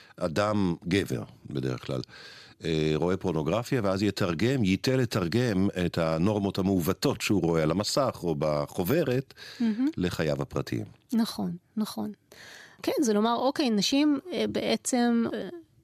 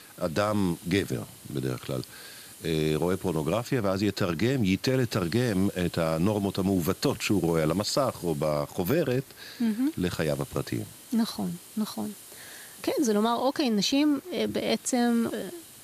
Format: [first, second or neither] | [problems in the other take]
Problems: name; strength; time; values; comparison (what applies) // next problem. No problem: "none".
first | hiss; noticeable; throughout; 20 dB below the speech